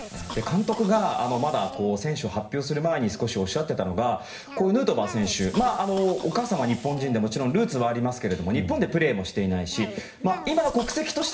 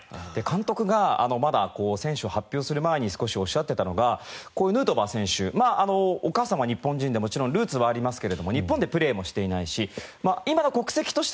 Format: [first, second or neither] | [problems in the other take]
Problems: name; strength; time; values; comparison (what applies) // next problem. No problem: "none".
second | background sound (Cough); 16 dB below the speech // room echo; dies away in 0.6 s